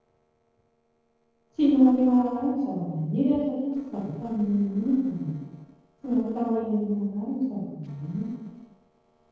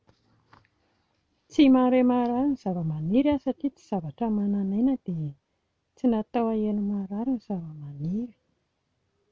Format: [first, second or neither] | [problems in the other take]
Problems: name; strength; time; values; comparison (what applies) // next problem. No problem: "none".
second | noise reduction (neural separator model SepFormer DNS4)